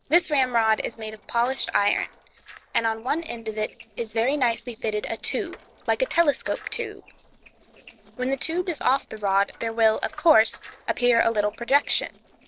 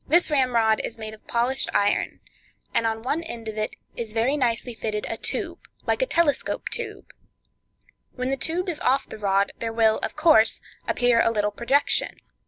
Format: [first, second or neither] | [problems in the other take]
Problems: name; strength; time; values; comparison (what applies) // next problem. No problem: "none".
second | noise reduction (neural separator model SepFormer DNS4)